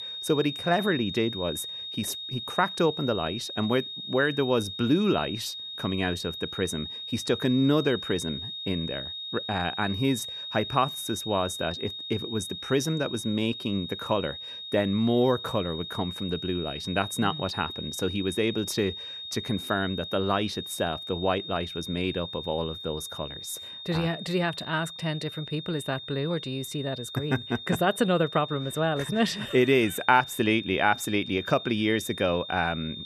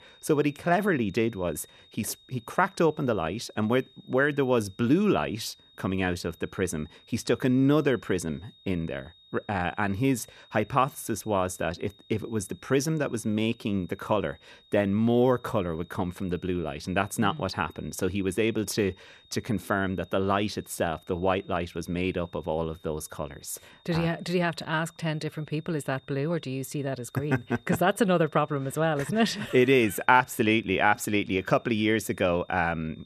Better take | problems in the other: second | high-pitched whine; loud; throughout; 3.5 kHz, 8 dB below the speech; faint in the second

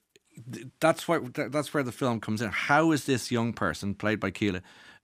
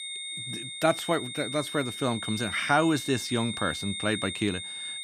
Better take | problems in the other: first | high-pitched whine; loud; throughout; 3.5 kHz, 6 dB below the speech

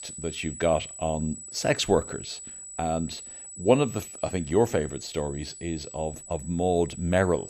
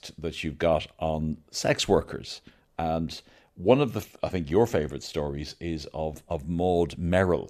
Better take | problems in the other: second | high-pitched whine; noticeable; throughout; 8 kHz, 10 dB below the speech

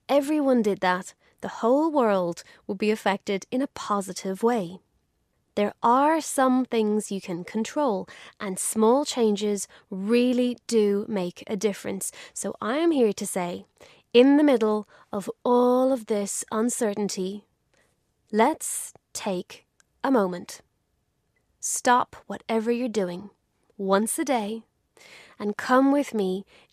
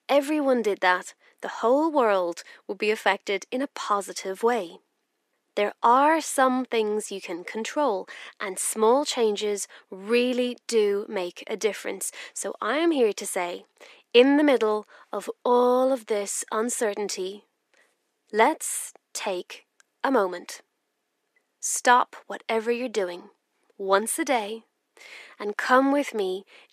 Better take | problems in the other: first | thin; very slightly; fading below 250 Hz

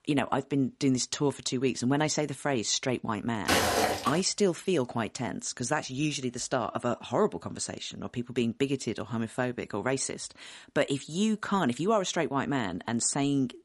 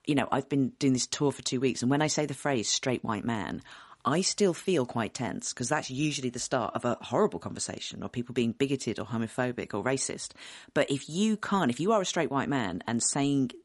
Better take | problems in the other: second | footsteps; loud; at 3.5 s; peak 5 dB above the speech

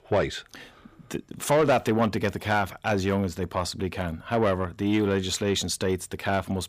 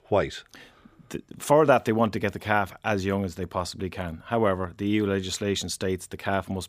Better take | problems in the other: second | distortion; slight; 10 dB below the speech

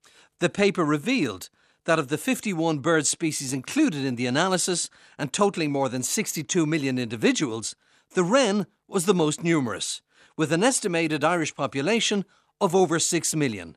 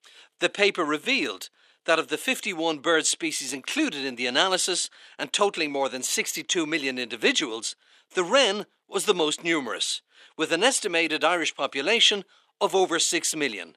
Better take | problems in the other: first | thin; somewhat; fading below 400 Hz

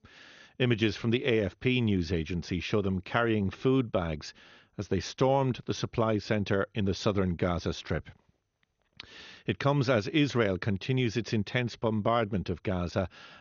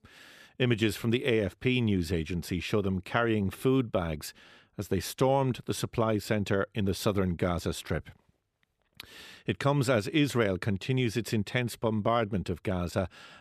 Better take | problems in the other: second | garbled, watery; slightly; nothing above 6.5 kHz

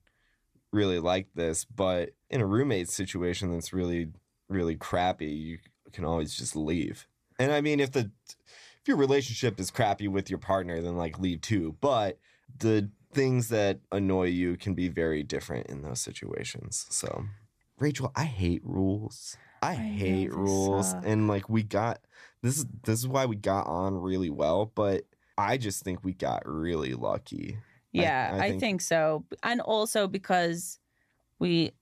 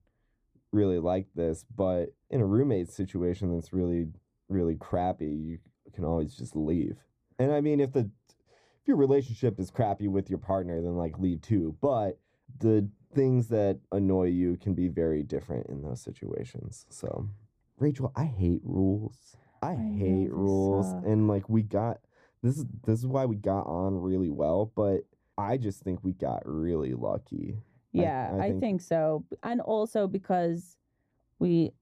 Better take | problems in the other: first | muffled; very; fading above 1 kHz

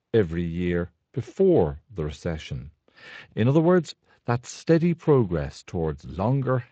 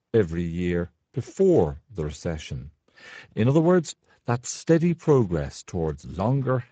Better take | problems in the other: first | garbled, watery; badly; nothing above 7.5 kHz; slightly in the first

